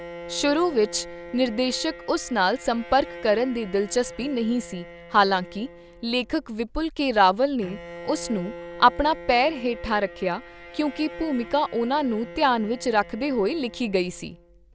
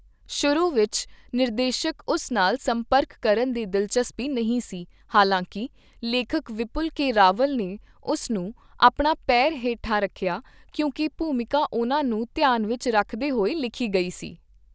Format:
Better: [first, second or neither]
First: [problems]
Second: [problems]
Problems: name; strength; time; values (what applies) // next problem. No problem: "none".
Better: second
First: background sound (Bowed string instrument); 16 dB below the speech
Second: none